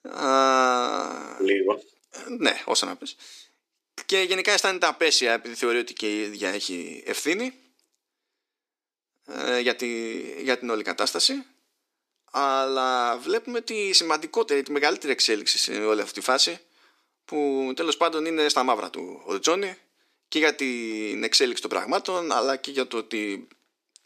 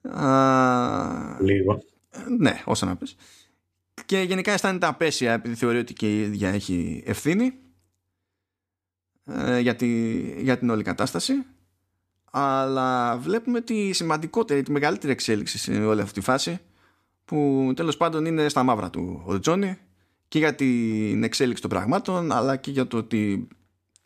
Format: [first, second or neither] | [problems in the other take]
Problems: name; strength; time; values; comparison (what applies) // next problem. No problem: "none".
second | thin; somewhat; fading below 350 Hz